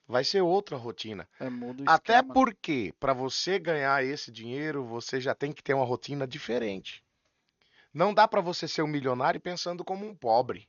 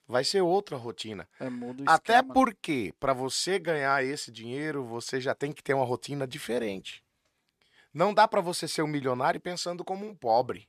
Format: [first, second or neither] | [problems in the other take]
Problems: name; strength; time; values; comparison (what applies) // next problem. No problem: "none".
second | garbled, watery; slightly; nothing above 6.5 kHz